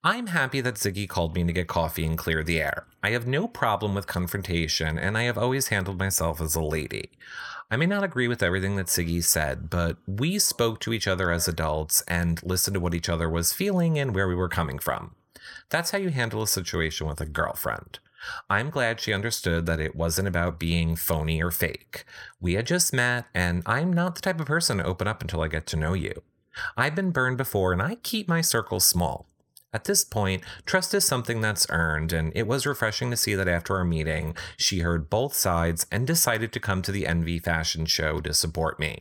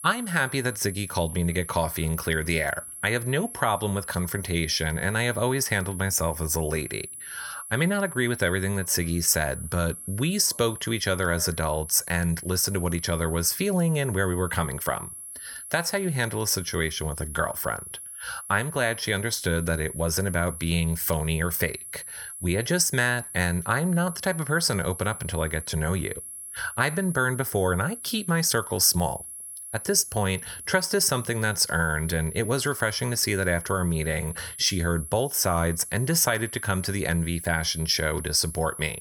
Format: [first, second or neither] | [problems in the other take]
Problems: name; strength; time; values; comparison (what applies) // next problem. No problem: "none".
first | high-pitched whine; noticeable; throughout; 11 kHz, 10 dB below the speech